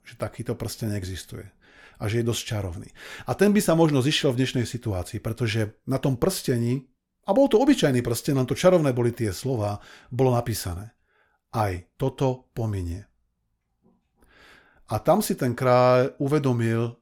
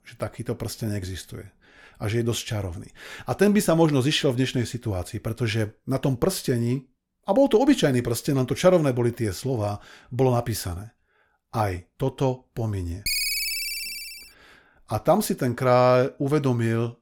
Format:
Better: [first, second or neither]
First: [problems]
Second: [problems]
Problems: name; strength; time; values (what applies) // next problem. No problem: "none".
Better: first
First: none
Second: phone ringing; loud; from 13 to 14 s; peak 1 dB above the speech